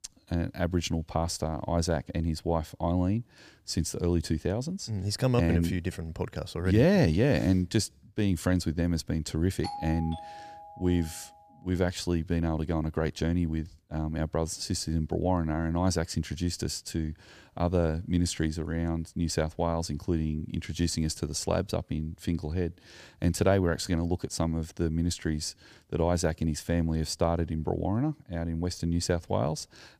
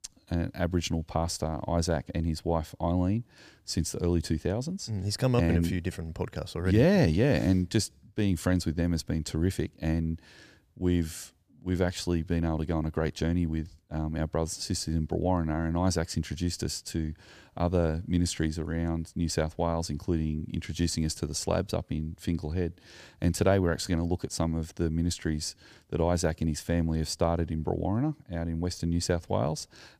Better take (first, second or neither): second